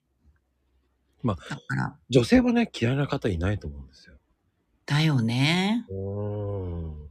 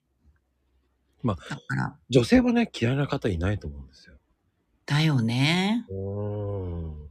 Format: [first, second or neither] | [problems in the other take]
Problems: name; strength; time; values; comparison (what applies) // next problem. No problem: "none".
neither | none